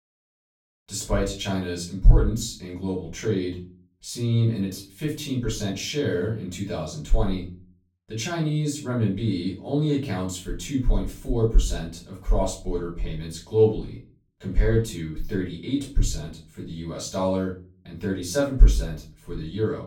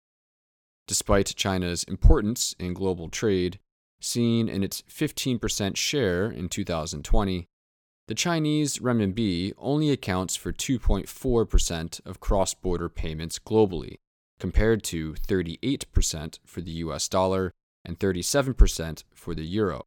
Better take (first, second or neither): second